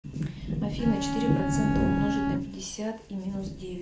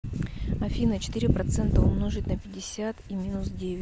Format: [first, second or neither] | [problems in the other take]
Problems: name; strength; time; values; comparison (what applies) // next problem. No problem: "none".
second | background sound (Bowed string instrument); 1 dB below the speech // room echo; dies away in 0.4 s